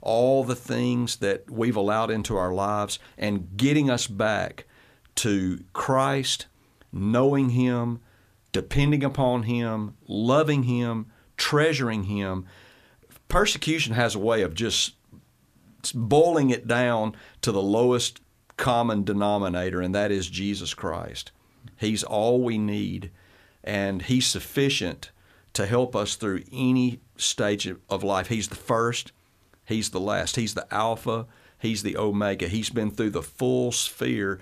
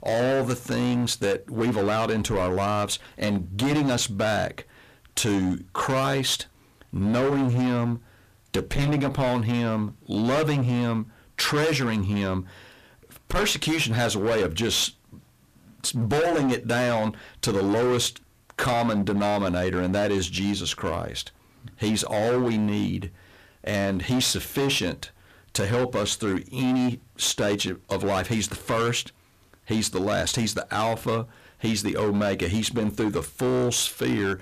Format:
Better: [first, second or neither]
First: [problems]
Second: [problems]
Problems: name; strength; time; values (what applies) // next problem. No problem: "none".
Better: first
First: none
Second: distortion; heavy; 18% of the sound clipped